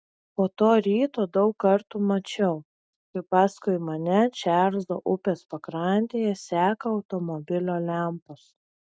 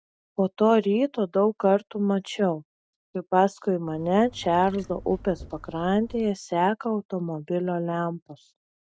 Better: first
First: none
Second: background sound (Trickle, dribble / Chirp, tweet); 20 dB below the speech

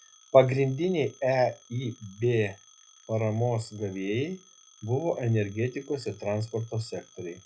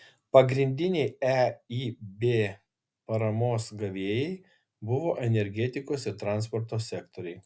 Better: second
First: noise reduction (classical method log-MMSE)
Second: none

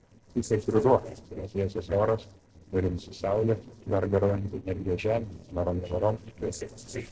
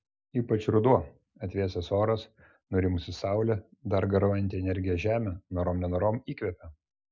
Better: second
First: noise reduction (neural separator model SepFormer DNS4)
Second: none

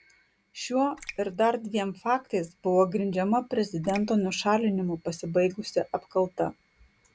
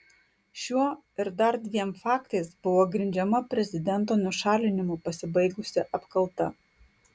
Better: second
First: background sound (Raindrop); 17 dB below the speech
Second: none

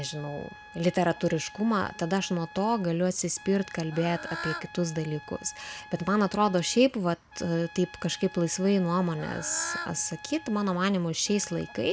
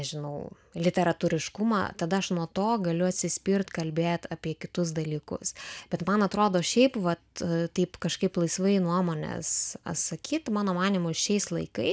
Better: second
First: background sound (Bird / Fowl + Trumpet); 16 dB below the speech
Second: none

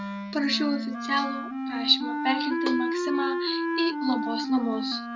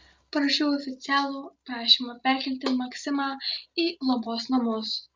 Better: second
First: background sound (Wind instrument, woodwind instrument); 1 dB below the speech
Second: none

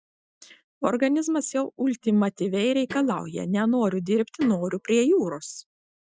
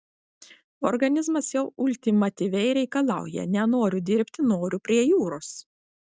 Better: second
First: noise reduction (classical method Wiener filter)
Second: none

